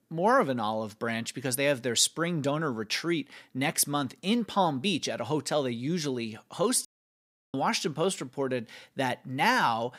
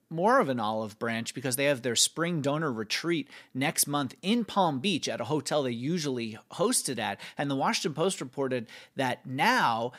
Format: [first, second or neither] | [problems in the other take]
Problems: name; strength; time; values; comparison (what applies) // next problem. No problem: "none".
second | audio cutting out; at 7 s for 0.5 s